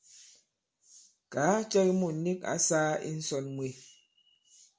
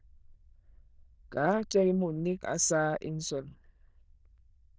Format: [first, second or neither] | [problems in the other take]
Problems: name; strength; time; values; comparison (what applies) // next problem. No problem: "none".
first | noise reduction (neural diffusion model UNIVERSE++)